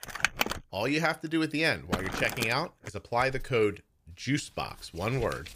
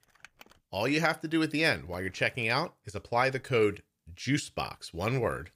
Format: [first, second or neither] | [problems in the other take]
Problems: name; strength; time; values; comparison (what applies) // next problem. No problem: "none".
second | household noises; loud; throughout; 4 dB below the speech; faint in the second